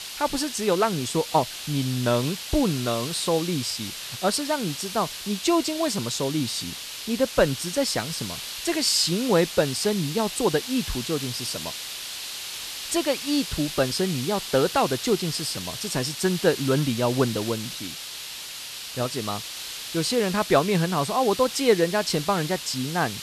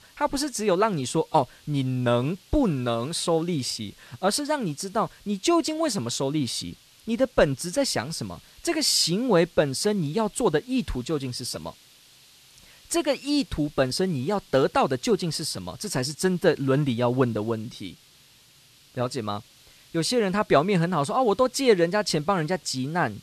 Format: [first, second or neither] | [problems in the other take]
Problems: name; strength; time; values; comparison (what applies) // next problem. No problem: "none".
second | hiss; loud; throughout; 7 dB below the speech; faint in the second